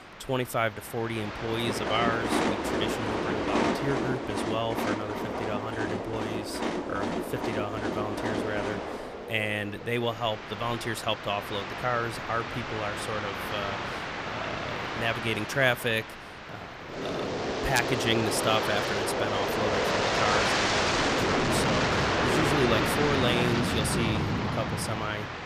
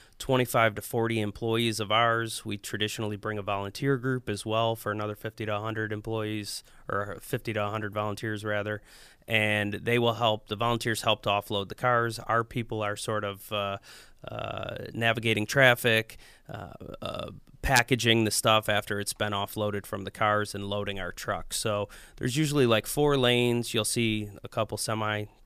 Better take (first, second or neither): second